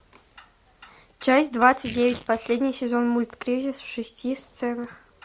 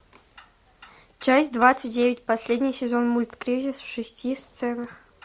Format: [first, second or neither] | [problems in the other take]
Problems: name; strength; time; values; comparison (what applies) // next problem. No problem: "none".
second | background sound (Tearing); 19 dB below the speech